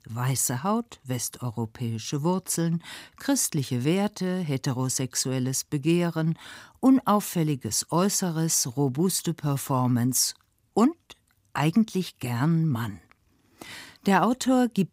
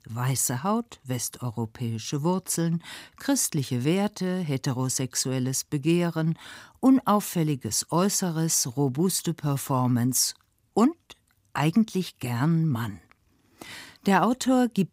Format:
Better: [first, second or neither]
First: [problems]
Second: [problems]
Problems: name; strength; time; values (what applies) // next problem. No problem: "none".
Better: neither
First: none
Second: none